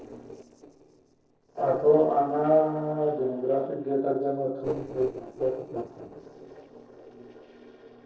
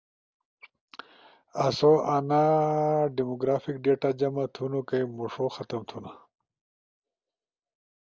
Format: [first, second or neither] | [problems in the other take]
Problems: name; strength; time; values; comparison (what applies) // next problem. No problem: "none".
second | noise reduction (neural separator model SepFormer DNS4)